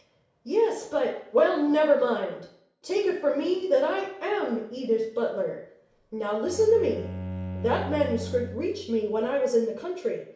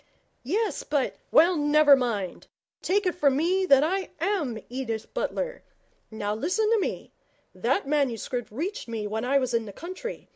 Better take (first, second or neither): second